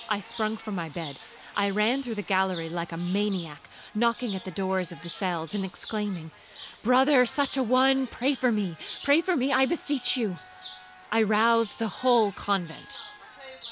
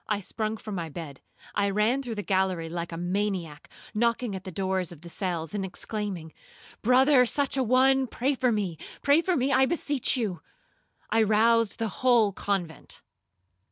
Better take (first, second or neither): second